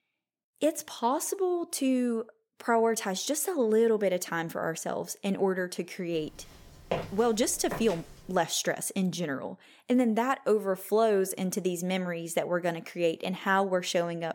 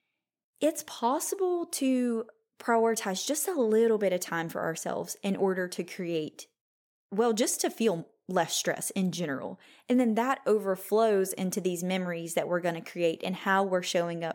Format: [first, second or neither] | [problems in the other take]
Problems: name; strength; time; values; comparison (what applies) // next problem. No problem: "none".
second | footsteps; noticeable; from 7 to 8 s; peak 6 dB below the speech